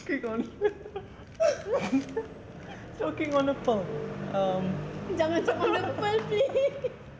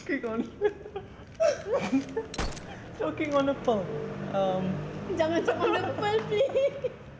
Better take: first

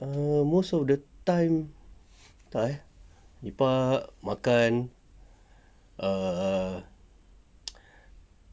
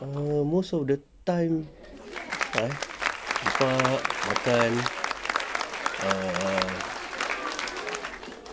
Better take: first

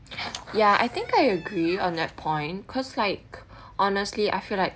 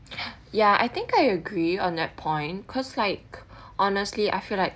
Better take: second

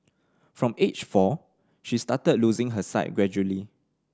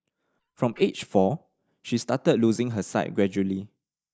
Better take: first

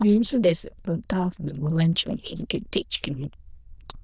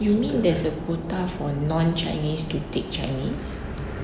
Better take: second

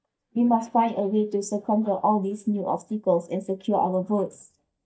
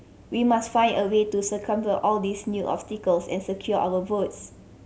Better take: second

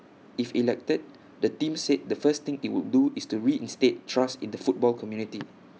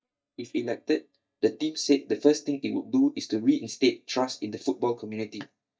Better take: first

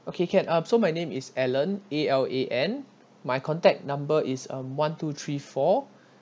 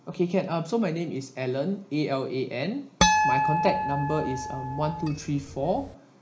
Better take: first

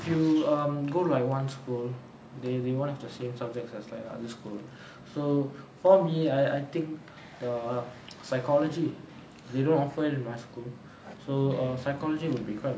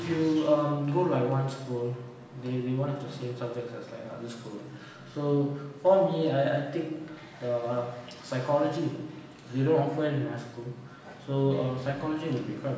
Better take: first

